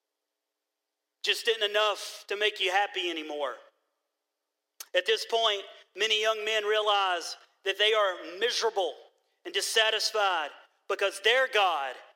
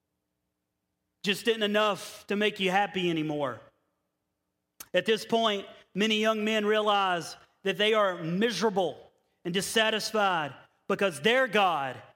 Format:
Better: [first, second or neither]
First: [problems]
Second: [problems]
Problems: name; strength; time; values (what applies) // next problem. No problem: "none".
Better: second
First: thin; very; fading below 350 Hz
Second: none